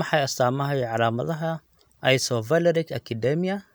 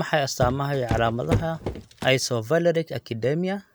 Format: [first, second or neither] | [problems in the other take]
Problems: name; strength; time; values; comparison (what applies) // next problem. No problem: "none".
first | background sound (Walk, footsteps); 5 dB below the speech